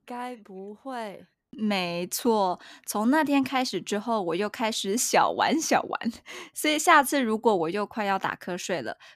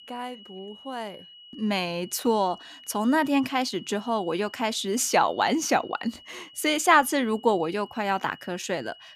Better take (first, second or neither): first